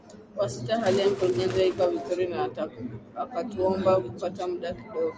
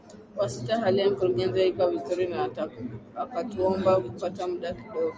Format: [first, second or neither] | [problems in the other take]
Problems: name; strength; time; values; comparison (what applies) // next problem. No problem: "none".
second | background sound (Bird); 15 dB below the speech